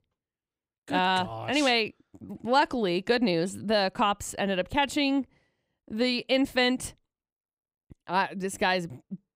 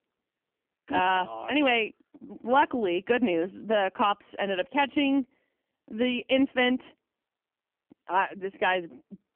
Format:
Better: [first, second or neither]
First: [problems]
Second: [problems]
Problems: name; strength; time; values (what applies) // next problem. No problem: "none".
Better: first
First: none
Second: phone-call audio; poor line; nothing above 3 kHz